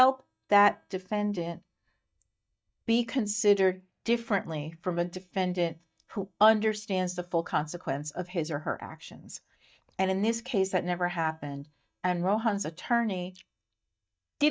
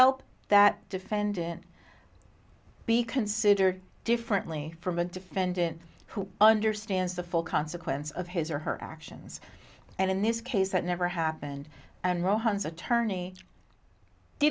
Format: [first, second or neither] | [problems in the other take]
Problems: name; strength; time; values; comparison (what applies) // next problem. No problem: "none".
second | noise reduction (neural mask model DeepFilterNet 3)